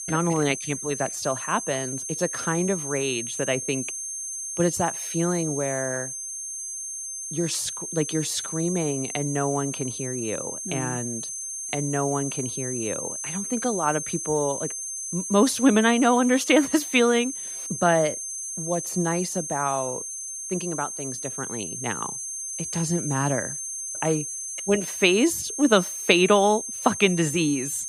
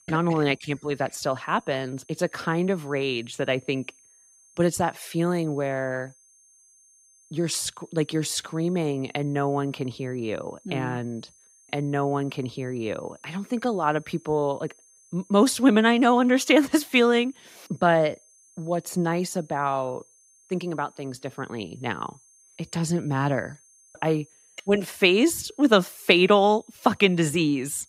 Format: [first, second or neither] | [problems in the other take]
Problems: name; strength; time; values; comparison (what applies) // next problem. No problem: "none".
second | high-pitched whine; loud; throughout; 6.5 kHz, 5 dB below the speech; faint in the second